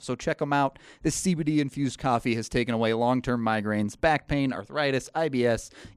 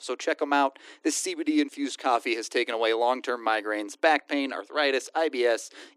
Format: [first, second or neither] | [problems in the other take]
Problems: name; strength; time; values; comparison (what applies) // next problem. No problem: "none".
first | thin; somewhat; fading below 300 Hz